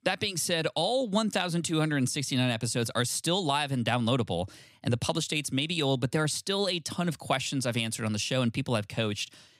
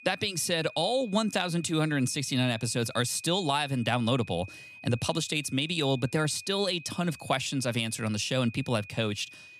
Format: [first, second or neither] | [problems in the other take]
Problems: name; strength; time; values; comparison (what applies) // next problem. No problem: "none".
first | high-pitched whine; noticeable; throughout; 2.5 kHz, 20 dB below the speech